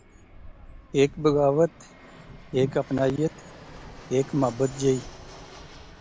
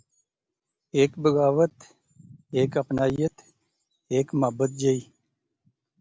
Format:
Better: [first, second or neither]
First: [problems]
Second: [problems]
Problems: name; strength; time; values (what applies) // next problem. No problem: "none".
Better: second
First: background sound (Fixed-wing aircraft, airplane); 18 dB below the speech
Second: none